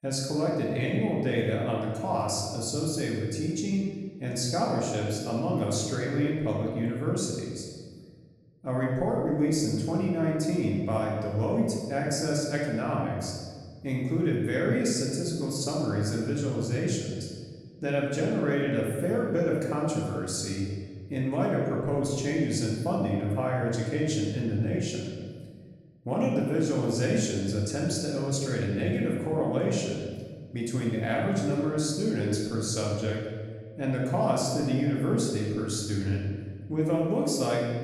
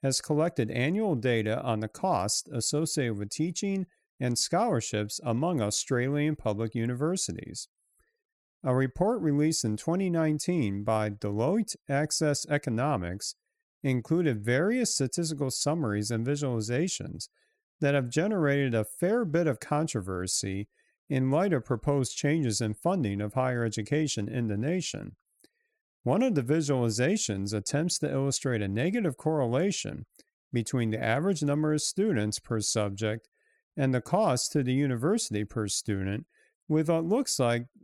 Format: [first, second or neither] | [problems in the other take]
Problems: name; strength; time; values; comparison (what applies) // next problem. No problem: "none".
second | room echo; noticeable; dies away in 1.5 s // off-mic speech; far